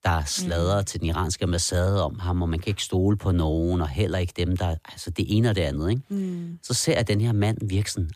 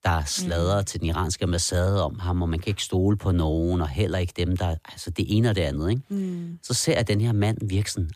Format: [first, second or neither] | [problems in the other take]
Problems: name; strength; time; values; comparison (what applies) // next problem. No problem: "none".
neither | none